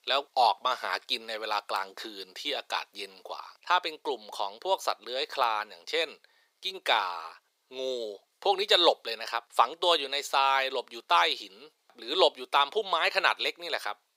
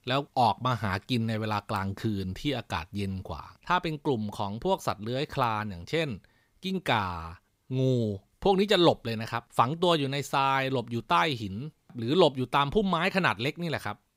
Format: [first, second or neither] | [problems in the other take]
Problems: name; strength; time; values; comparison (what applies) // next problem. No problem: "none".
second | thin; very; fading below 450 Hz